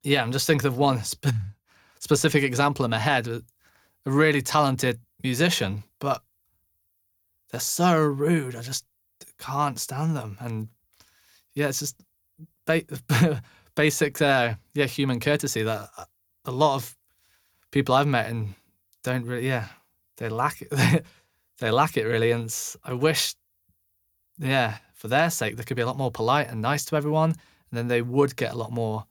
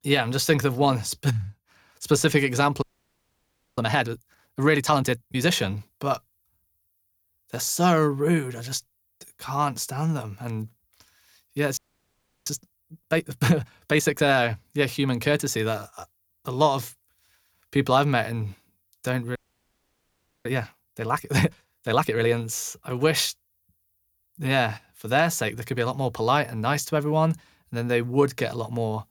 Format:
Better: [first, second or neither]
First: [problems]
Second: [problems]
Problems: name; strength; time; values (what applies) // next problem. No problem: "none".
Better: first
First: none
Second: audio freezing; at 3 s for 1 s, at 12 s for 0.5 s and at 19 s for 1 s